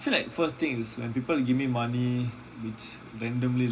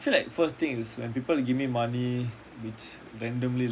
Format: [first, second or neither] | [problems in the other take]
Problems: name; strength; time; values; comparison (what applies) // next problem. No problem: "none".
second | room echo; dies away in 0.3 s